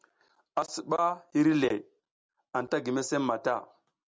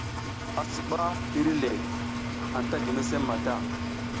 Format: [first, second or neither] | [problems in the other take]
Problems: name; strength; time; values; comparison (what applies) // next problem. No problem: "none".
first | background sound (Engine); as loud as the speech